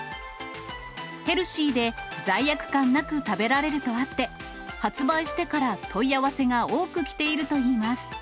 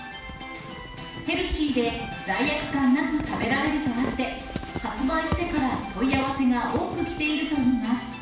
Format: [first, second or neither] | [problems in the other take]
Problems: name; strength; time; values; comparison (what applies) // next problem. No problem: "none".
first | background sound (Squeak / Walk, footsteps); 11 dB below the speech // room echo; dies away in 0.6 s